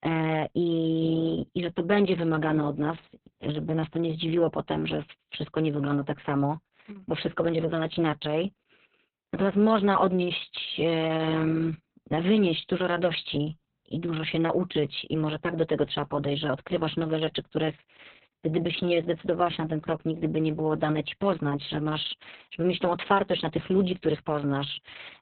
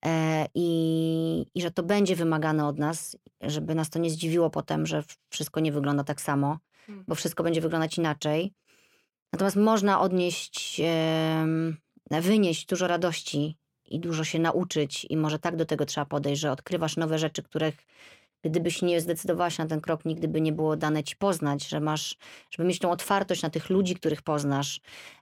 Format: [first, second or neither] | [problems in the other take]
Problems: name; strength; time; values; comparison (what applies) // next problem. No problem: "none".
second | garbled, watery; badly; nothing above 4 kHz